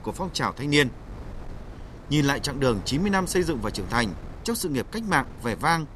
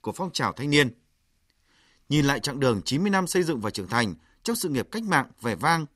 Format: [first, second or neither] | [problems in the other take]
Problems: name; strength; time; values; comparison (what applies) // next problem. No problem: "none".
second | wind noise on the microphone; occasional gusts; 20 dB below the speech